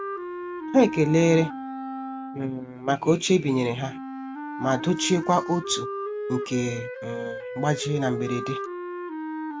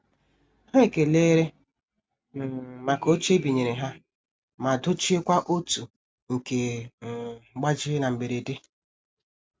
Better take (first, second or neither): second